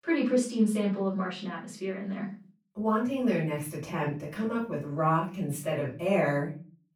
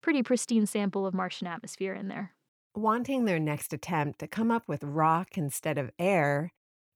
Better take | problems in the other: second | room echo; slight; dies away in 0.3 s // off-mic speech; far

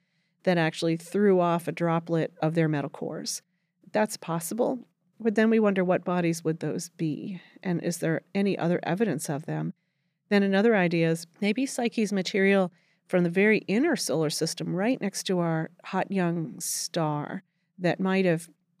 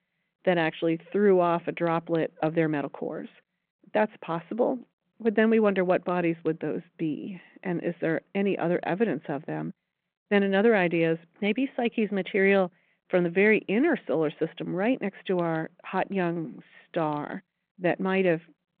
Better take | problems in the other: first | phone-call audio

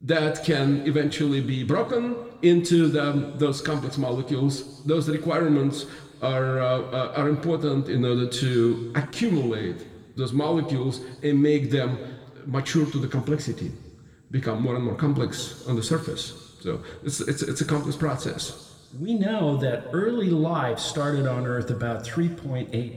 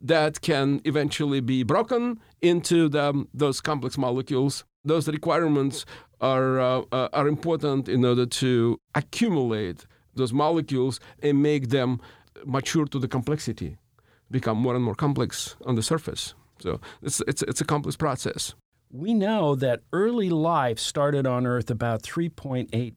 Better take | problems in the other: second | room echo; slight; dies away in 1.5 s

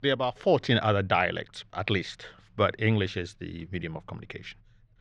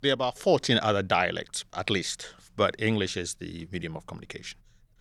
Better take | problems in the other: second | muffled; slightly; fading above 2.5 kHz

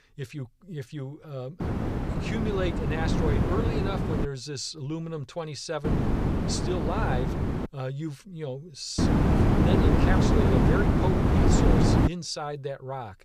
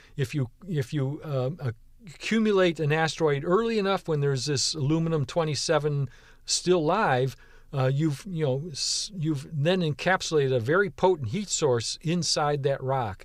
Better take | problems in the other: second | wind noise on the microphone; heavy; from 1.5 to 4.5 s, from 6 to 7.5 s and from 9 to 12 s; 4 dB above the speech

